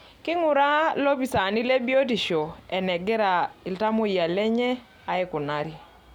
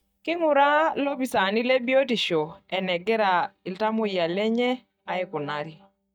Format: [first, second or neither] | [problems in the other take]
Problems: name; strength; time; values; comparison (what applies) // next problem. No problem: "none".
first | noise reduction (neural mask model DeepFilterNet 3)